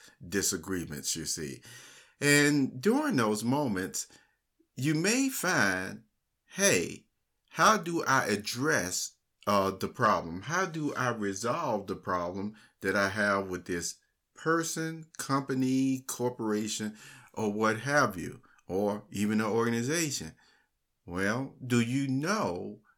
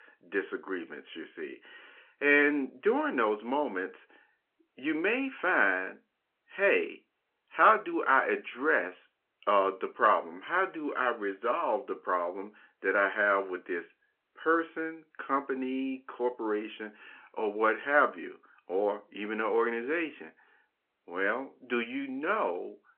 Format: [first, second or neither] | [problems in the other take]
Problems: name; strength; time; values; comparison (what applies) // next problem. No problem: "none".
first | phone-call audio